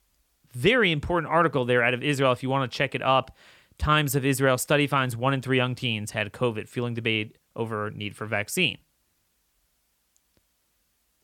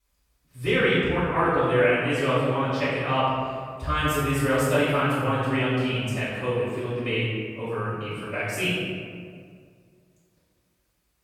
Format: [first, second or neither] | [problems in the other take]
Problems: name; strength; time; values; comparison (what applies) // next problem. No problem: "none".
first | off-mic speech; far // room echo; strong; dies away in 1.8 s